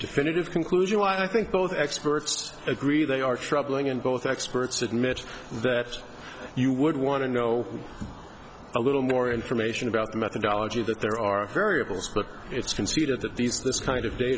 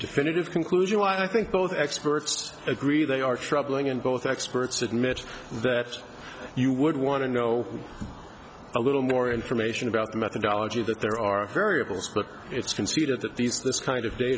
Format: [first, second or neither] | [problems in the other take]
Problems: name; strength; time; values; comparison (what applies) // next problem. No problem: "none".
second | background sound (Thunder); 20 dB below the speech